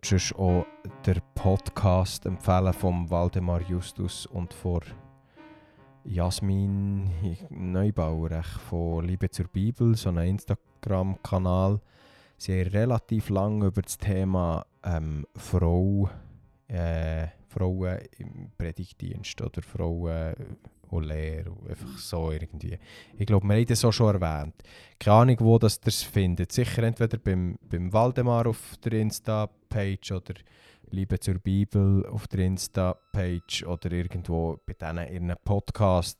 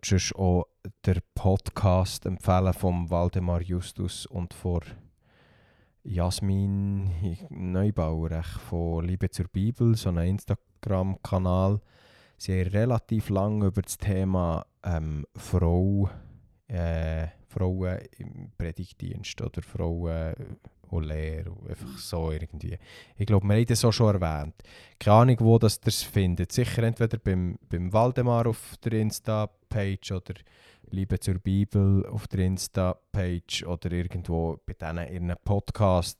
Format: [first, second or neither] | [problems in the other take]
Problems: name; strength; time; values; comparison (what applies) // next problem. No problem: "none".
second | background music; faint; throughout; 25 dB below the speech